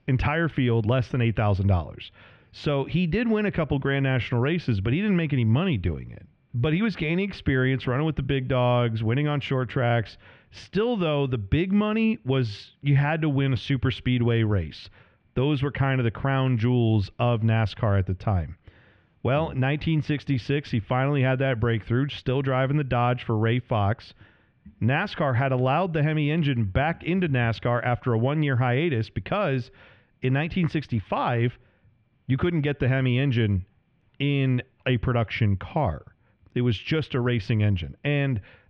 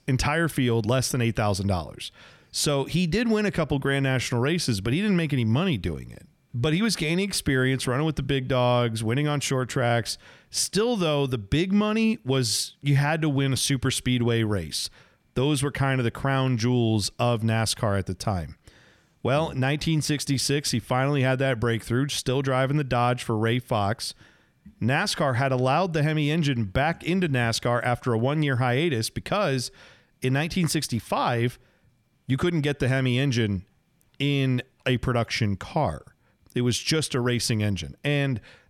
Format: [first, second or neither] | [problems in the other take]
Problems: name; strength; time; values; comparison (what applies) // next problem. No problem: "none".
second | muffled; very; fading above 3 kHz